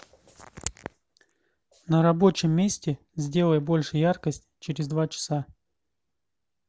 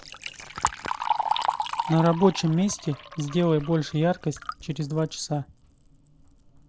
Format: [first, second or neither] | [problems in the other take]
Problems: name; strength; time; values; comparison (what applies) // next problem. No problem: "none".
first | background sound (Liquid); 6 dB below the speech